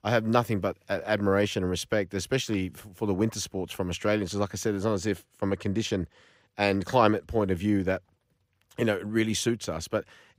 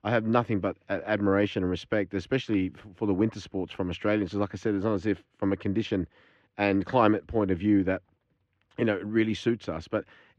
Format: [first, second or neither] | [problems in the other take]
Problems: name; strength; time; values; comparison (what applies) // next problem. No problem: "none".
first | muffled; slightly; fading above 2.5 kHz